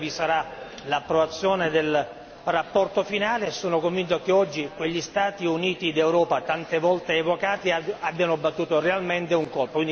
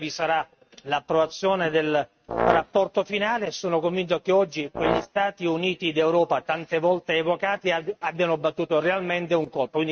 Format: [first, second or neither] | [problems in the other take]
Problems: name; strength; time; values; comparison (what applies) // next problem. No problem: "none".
first | noise reduction (neural mask model RNNoise)